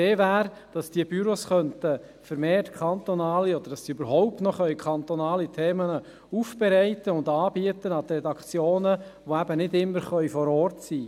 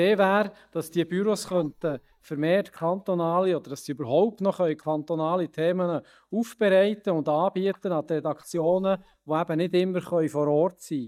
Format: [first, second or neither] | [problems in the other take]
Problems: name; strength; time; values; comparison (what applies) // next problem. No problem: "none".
first | noise reduction (neural mask model DeepFilterNet 3)